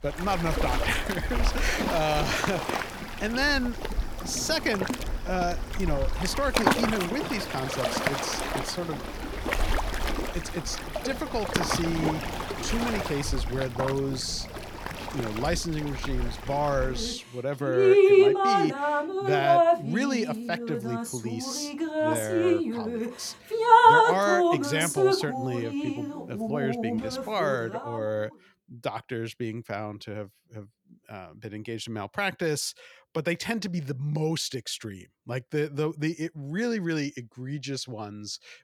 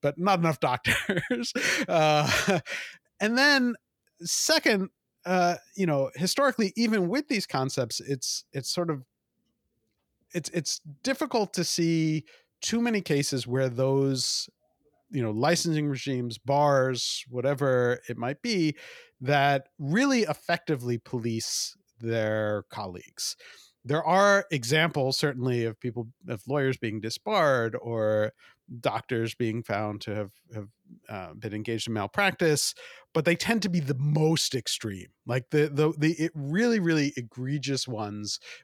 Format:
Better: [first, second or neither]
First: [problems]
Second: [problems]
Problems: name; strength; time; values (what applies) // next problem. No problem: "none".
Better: second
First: rain or running water; very loud; until 28 s; 3 dB above the speech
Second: none